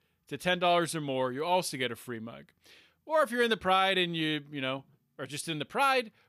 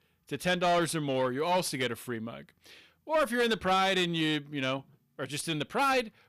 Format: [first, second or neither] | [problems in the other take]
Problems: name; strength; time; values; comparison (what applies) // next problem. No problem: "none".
first | distortion; slight; 10 dB below the speech